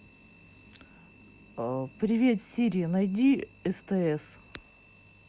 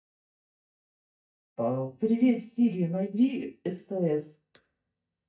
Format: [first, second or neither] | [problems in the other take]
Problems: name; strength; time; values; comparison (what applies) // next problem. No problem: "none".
first | noise reduction (neural mask model DeepFilterNet 3)